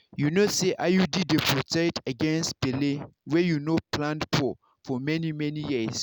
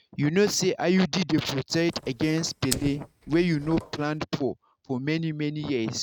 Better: first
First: none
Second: noise reduction (neural mask model RNNoise)

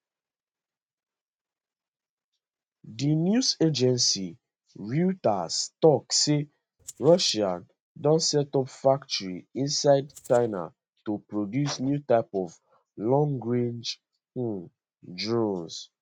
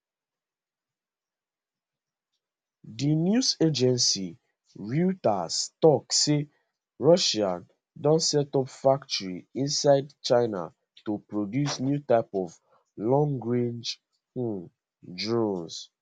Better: second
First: noise reduction (neural mask model RNNoise)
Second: none

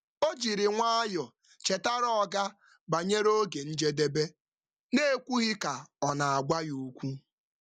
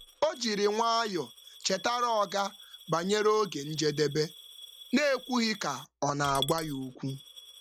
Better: first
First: none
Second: background sound (Coin (dropping) / Glass); 17 dB below the speech

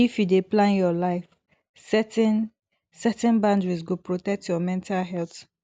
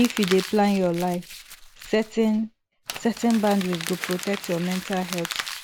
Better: first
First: none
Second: background sound (Crumpling, crinkling); 11 dB below the speech

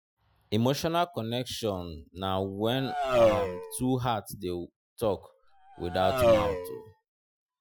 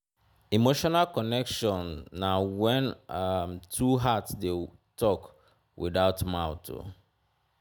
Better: second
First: noise reduction (classical method Wiener filter)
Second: none

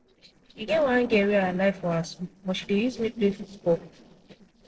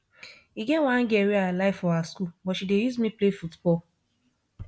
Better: second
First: noise reduction (neural separator model SepFormer DNS4)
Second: none

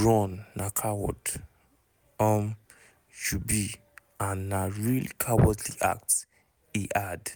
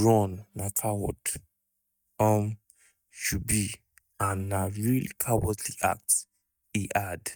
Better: first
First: none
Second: noise reduction (neural mask model DeepFilterNet 3)

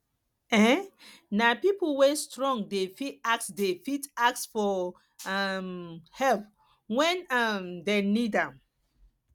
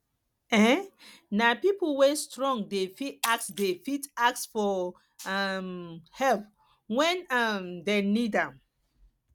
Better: first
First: none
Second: background sound (Shatter); 15 dB below the speech

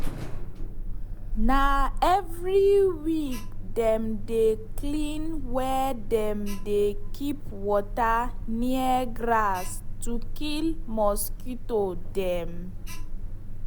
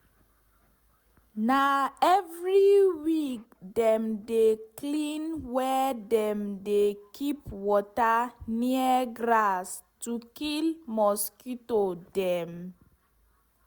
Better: second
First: background sound (Alarm); 1 dB below the speech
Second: none

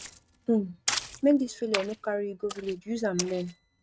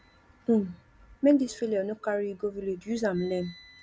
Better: second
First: noise reduction (neural mask model RNNoise)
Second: none

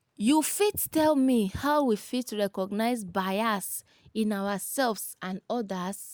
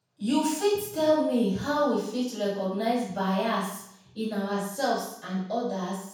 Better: first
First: none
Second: room echo; dies away in 0.7 s

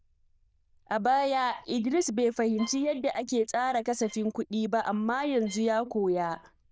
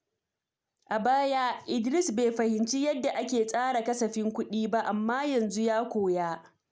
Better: second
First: noise reduction (neural diffusion model UNIVERSE++)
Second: none

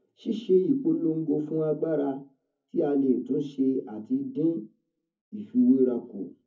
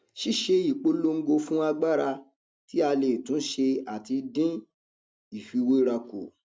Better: second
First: room echo; dies away in 0.3 s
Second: none

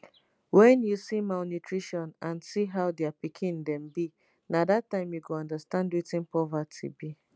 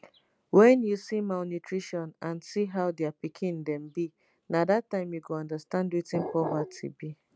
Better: first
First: none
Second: background sound (Glass); 7 dB below the speech

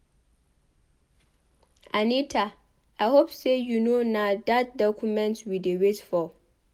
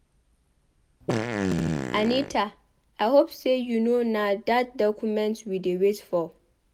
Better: first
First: none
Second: background sound (Fart); 2 dB below the speech

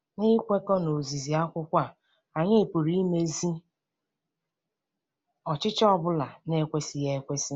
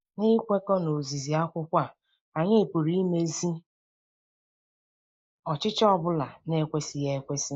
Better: first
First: none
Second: noise reduction (neural mask model Resemble Enhance denoiser)

